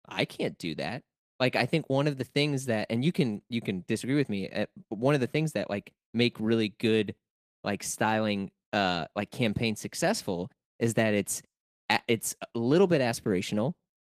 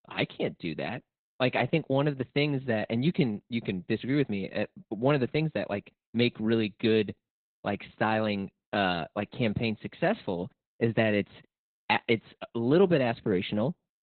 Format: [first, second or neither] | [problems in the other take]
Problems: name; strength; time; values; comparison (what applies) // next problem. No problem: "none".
first | garbled, watery; badly; nothing above 4 kHz; slightly in the first